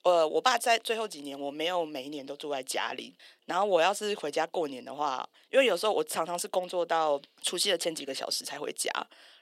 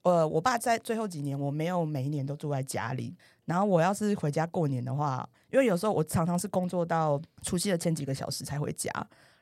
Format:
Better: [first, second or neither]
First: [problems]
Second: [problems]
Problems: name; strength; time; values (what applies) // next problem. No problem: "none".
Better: second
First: thin; very; fading below 300 Hz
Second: none